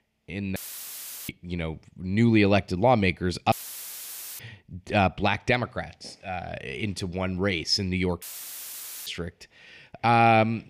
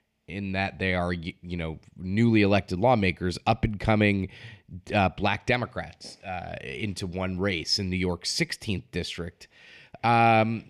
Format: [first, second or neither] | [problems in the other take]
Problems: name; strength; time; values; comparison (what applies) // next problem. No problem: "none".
second | audio cutting out; filled with static; at 0.5 s for 0.5 s, at 3.5 s for 1 s and at 8 s for 1 s